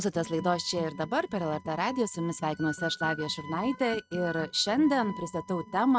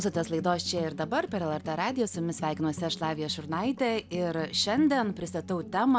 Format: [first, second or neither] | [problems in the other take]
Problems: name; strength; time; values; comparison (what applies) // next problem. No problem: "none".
second | noise reduction (neural mask model RNNoise)